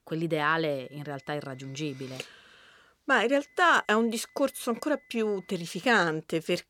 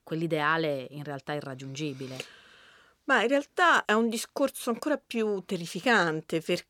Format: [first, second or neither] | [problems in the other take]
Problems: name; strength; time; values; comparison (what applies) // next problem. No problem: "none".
second | high-pitched whine; faint; from 1 to 2 s and from 3.5 to 6 s; 2 kHz, 30 dB below the speech